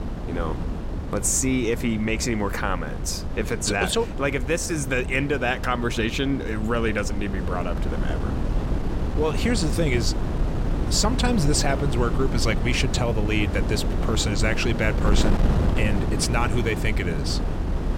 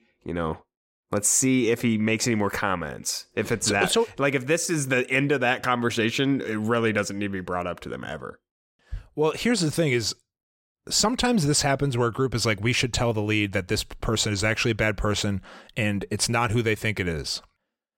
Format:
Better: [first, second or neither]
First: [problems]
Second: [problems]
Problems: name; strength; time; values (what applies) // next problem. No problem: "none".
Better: second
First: wind noise on the microphone; heavy; 8 dB below the speech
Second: none